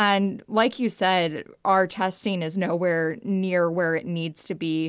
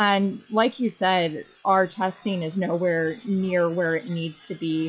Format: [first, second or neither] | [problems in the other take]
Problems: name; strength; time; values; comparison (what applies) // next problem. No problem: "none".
first | noise reduction (classical method log-MMSE)